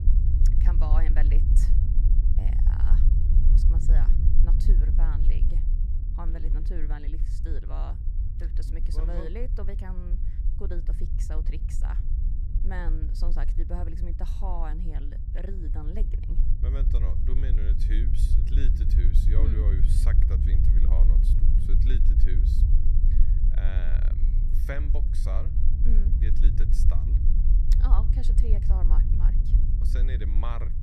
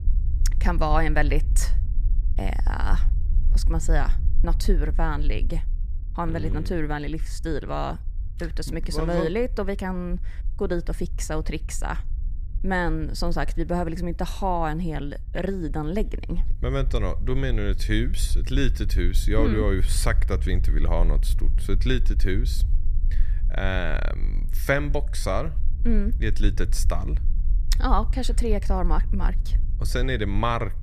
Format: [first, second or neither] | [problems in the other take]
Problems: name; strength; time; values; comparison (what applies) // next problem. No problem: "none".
second | low rumble; loud; throughout; 2 dB below the speech; faint in the second